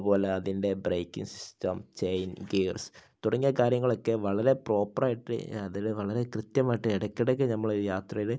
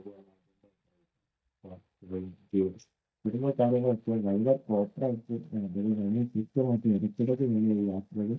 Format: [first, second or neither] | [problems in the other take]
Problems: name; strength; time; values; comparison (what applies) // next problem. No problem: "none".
first | noise reduction (neural mask model DeepFilterNet 3)